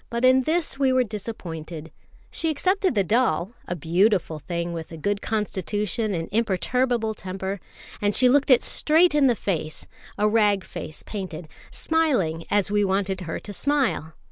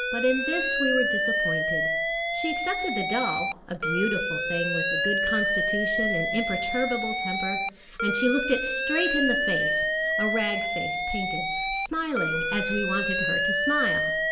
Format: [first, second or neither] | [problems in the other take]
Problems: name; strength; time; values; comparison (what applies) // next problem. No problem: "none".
first | background sound (Alarm); 3 dB above the speech // room echo; dies away in 1.9 s